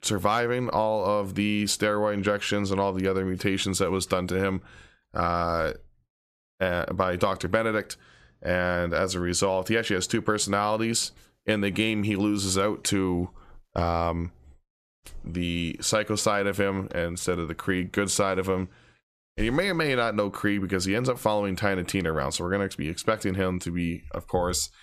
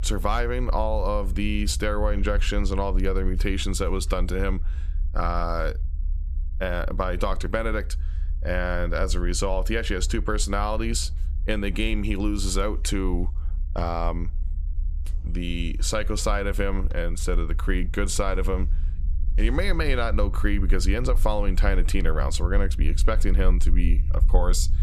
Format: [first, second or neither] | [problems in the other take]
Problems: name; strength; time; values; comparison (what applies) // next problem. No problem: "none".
first | low rumble; faint; throughout; 20 dB below the speech